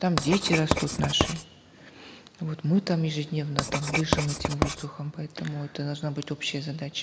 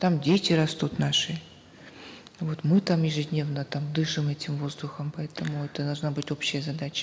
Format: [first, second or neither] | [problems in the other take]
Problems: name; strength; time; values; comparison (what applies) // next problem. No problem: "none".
second | background sound (Writing); 3 dB below the speech